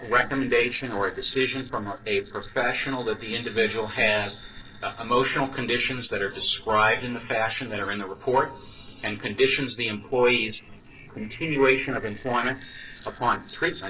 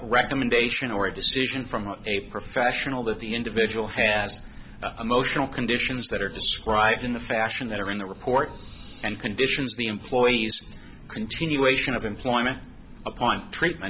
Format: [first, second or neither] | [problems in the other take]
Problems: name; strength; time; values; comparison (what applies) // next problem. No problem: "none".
second | noise reduction (neural separator model SepFormer DNS4)